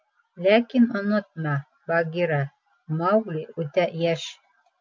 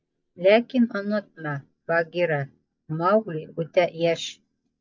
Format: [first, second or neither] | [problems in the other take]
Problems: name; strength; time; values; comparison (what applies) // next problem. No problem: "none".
first | noise reduction (neural mask model DeepFilterNet 3)